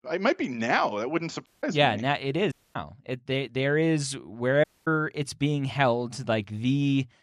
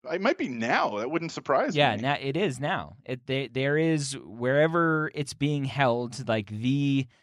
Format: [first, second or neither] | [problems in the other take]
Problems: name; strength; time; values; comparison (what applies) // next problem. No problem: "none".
second | audio cutting out; at 1.5 s, at 2.5 s and at 4.5 s